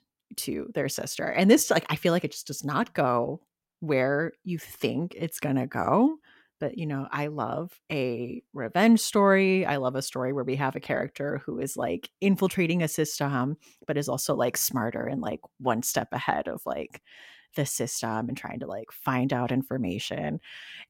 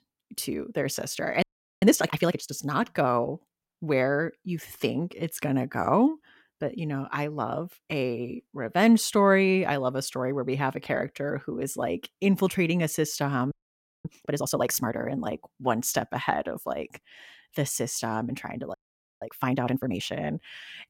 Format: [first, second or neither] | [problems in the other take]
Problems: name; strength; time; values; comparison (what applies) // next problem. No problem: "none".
first | audio freezing; at 1.5 s, at 14 s for 0.5 s and at 19 s